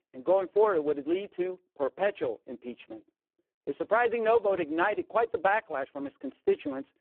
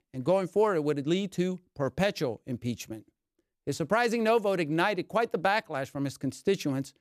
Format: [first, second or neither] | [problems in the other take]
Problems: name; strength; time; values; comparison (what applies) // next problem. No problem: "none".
second | phone-call audio; poor line